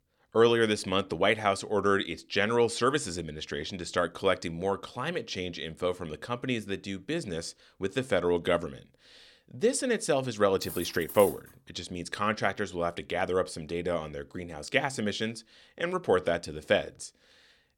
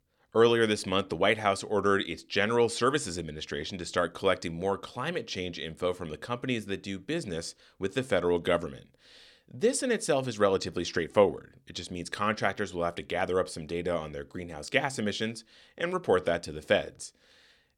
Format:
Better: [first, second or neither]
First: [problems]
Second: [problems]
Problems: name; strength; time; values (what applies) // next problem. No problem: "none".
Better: second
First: clattering dishes; noticeable; at 11 s; peak 9 dB below the speech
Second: none